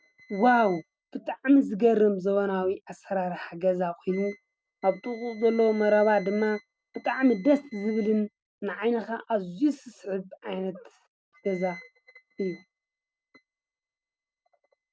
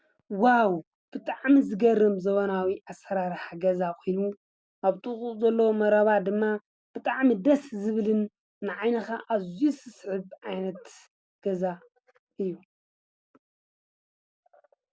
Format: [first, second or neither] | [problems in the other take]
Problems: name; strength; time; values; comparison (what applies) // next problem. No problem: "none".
second | noise reduction (neural mask model RNNoise)